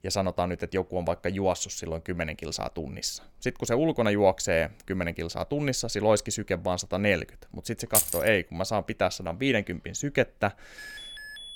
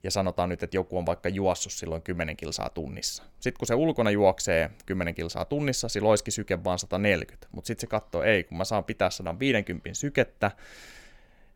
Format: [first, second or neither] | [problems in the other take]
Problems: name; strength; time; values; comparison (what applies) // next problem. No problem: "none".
second | jangling keys; loud; at 8 s; peak 5 dB above the speech // alarm; faint; at 11 s; peak 10 dB below the speech